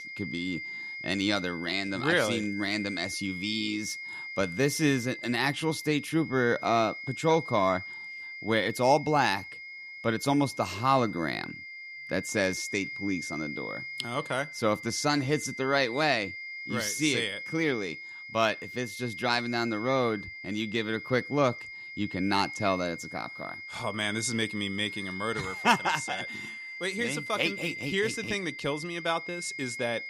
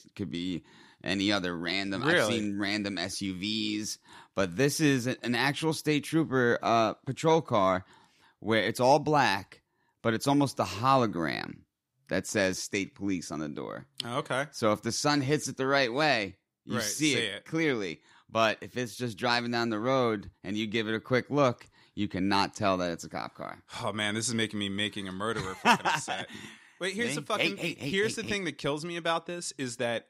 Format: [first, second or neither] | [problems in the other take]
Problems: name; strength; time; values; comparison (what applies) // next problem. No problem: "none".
second | high-pitched whine; loud; throughout; 2 kHz, 9 dB below the speech